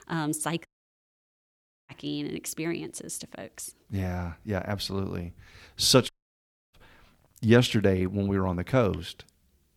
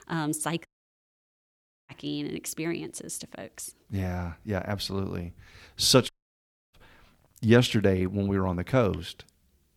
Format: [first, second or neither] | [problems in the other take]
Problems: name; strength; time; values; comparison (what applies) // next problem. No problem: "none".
neither | audio cutting out; at 0.5 s for 1 s and at 6 s for 0.5 s; the same in both